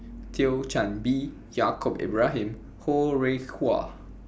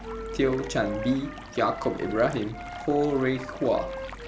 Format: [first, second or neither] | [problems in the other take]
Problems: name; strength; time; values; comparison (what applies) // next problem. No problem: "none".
first | background sound (Wind instrument, woodwind instrument + Stream); 11 dB below the speech